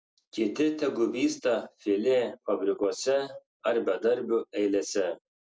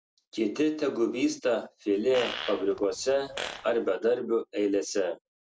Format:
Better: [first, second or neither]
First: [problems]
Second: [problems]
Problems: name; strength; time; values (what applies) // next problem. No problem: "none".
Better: first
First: none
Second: background sound (Fart); 11 dB below the speech